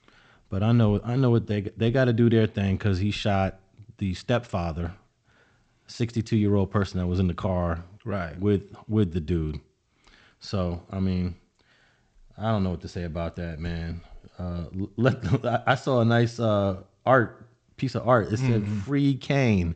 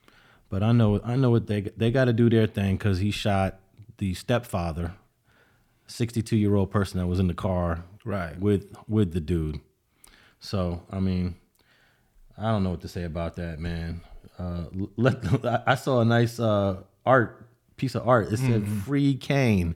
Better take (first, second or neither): second